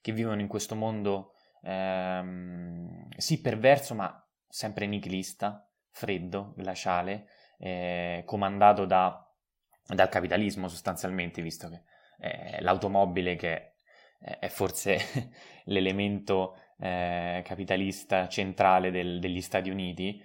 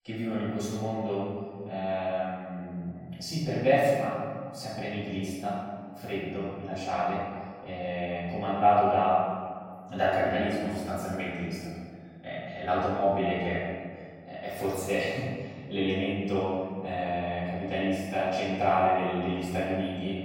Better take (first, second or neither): first